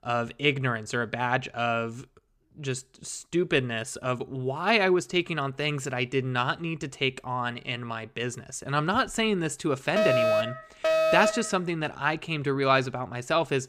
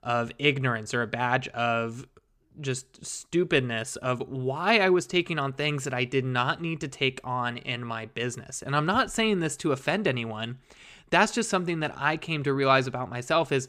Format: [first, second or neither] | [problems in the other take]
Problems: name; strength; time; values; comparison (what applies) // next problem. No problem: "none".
second | alarm; loud; from 10 to 11 s; peak 5 dB above the speech